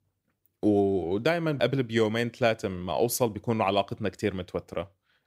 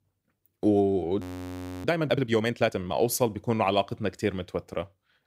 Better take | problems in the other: first | audio freezing; at 1 s for 0.5 s

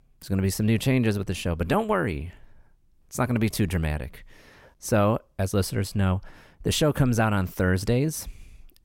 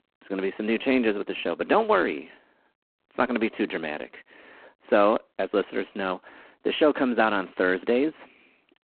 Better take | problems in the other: first | phone-call audio; poor line

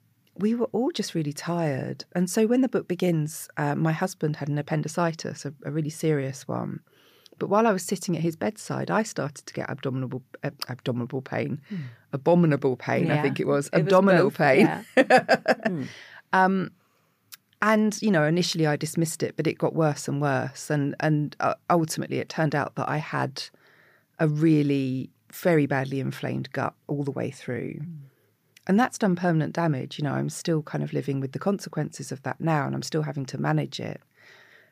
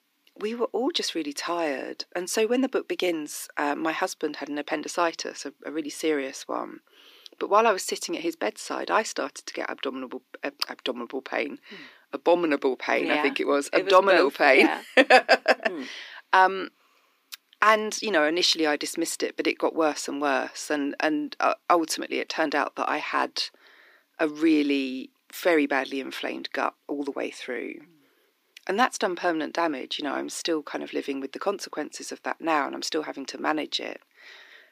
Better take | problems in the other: first | thin; somewhat; fading below 300 Hz

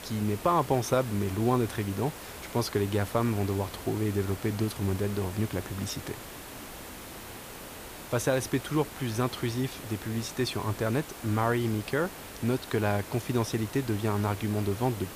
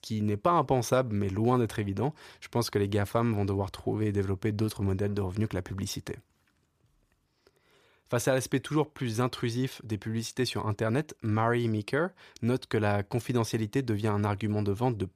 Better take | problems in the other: second | hiss; noticeable; throughout; 10 dB below the speech

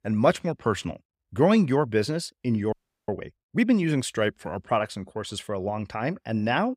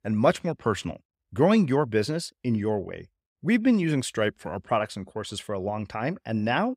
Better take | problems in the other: second | audio freezing; at 2.5 s

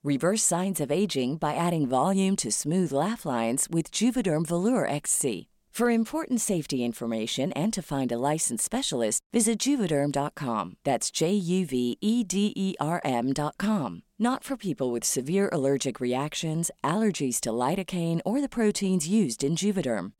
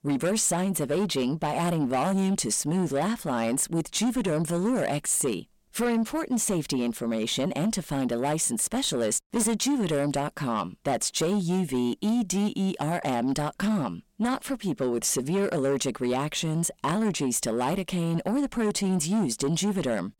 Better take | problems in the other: first | distortion; slight; 10 dB below the speech

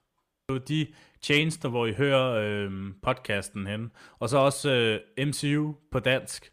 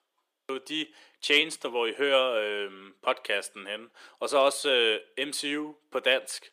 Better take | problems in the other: first | thin; somewhat; fading below 350 Hz

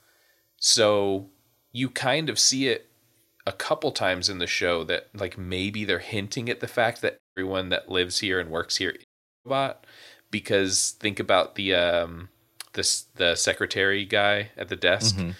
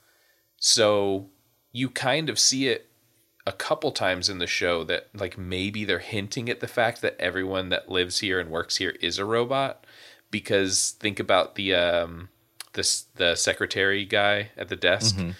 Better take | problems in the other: second | audio cutting out; at 7 s and at 9 s

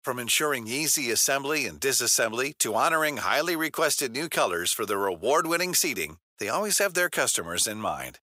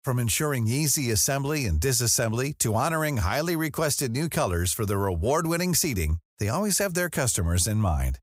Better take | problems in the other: second | thin; very; fading below 400 Hz

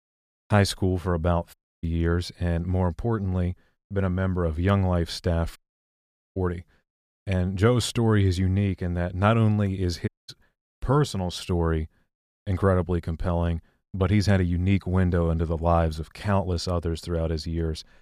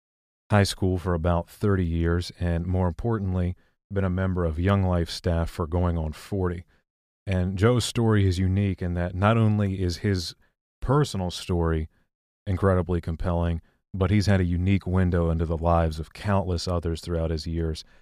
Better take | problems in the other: second | audio cutting out; at 1.5 s, at 5.5 s for 1 s and at 10 s

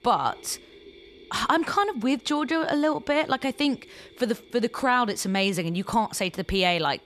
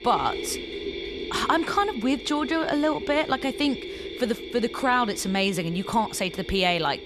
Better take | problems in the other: first | machinery noise; loud; throughout; 10 dB below the speech; faint in the first

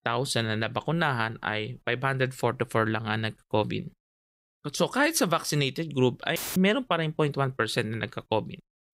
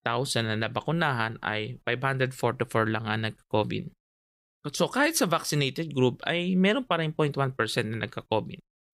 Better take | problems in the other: second | audio cutting out; filled with static; at 6.5 s

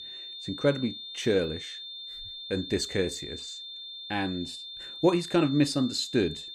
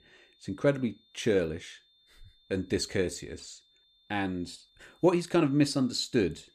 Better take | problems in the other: second | high-pitched whine; loud; throughout; 3.5 kHz, 10 dB below the speech; faint in the second

